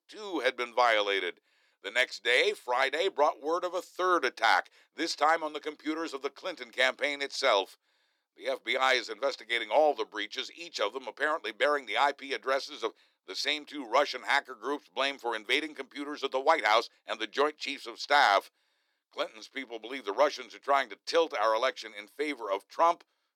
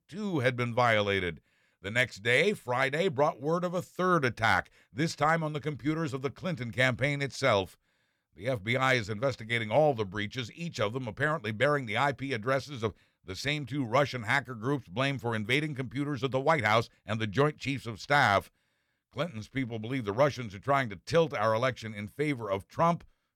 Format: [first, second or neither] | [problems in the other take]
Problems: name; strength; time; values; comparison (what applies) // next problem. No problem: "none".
second | thin; very; fading below 300 Hz